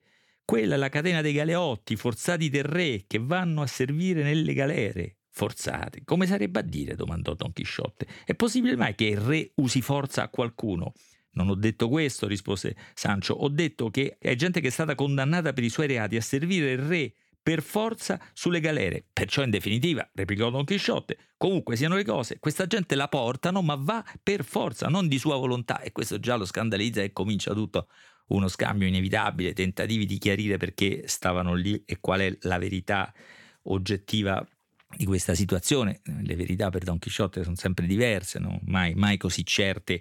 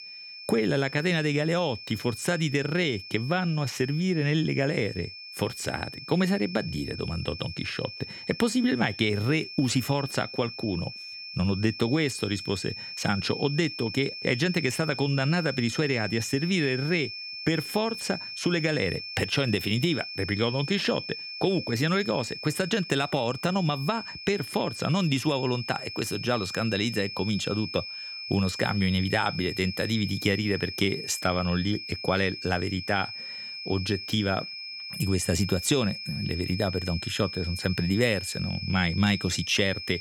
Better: first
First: none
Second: high-pitched whine; loud; throughout; 5 kHz, 8 dB below the speech

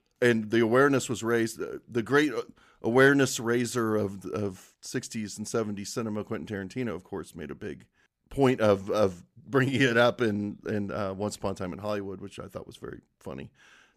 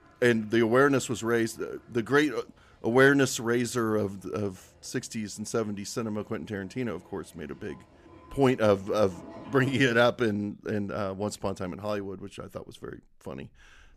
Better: first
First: none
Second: household noises; faint; throughout; 25 dB below the speech

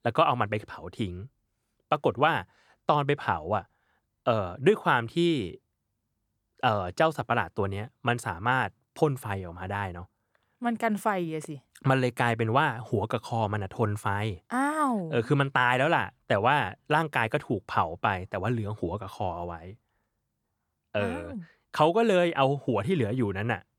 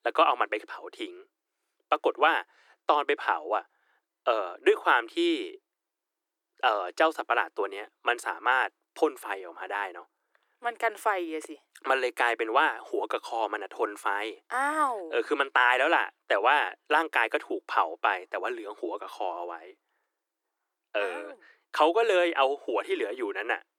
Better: first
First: none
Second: thin; very; fading below 300 Hz

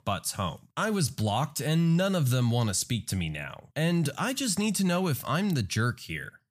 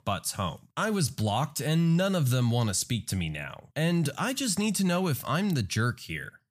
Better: neither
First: none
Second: none

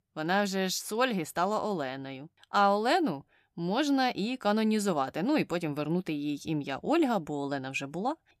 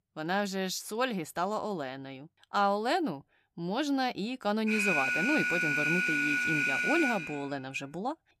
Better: first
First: none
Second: alarm; loud; from 4.5 to 7.5 s; peak 5 dB above the speech

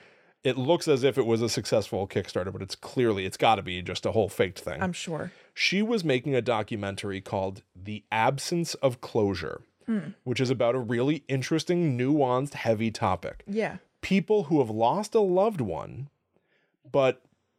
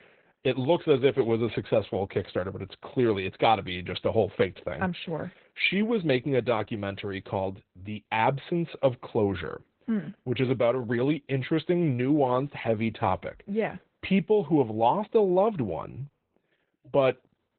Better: first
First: none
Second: garbled, watery; badly; nothing above 4 kHz

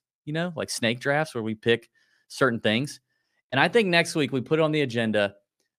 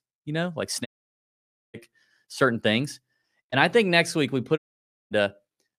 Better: first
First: none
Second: audio cutting out; at 1 s for 1 s and at 4.5 s for 0.5 s

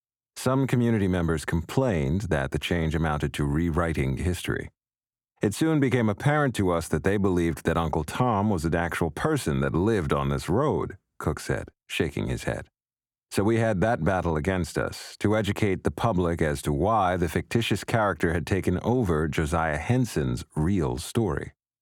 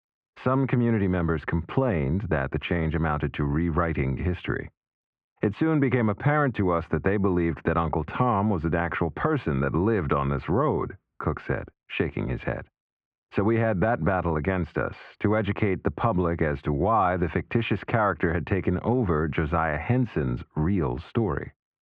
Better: first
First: none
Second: muffled; very; fading above 2.5 kHz

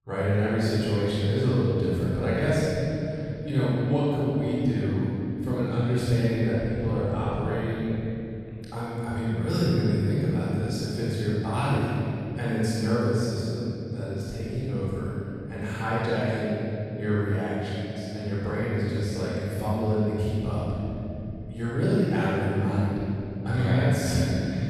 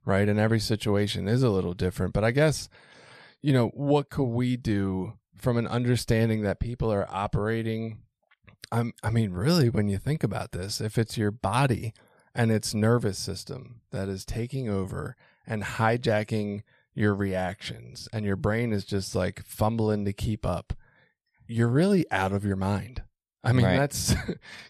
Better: second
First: off-mic speech; far // room echo; strong; dies away in 3 s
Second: none

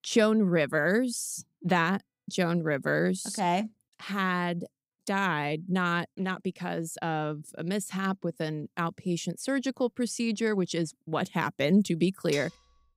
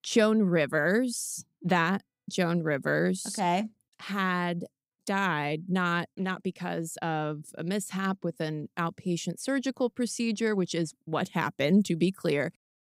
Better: second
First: clattering dishes; faint; at 12 s; peak 10 dB below the speech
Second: none

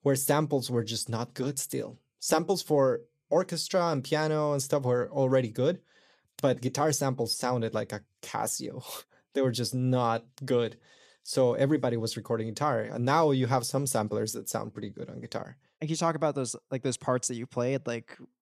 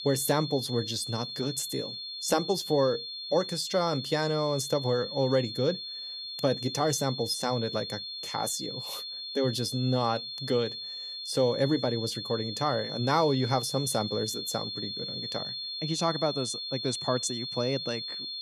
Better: first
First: none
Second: high-pitched whine; loud; throughout; 4.5 kHz, 5 dB below the speech

